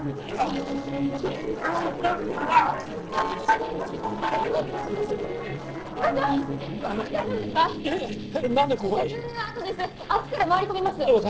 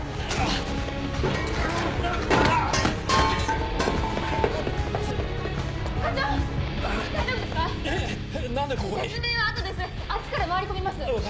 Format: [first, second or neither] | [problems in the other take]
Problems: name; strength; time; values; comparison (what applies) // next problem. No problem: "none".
second | noise reduction (neural separator model SepFormer DNS4)